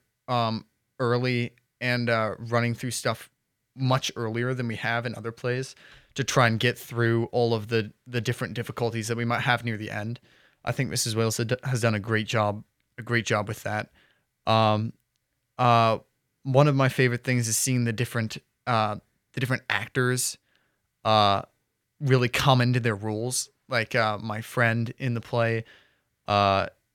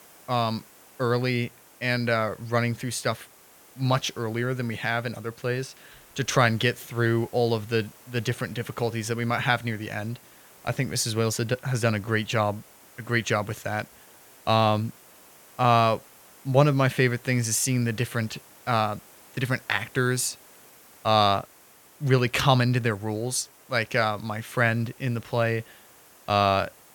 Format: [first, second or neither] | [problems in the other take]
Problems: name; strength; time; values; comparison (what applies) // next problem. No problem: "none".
first | hiss; faint; throughout; 25 dB below the speech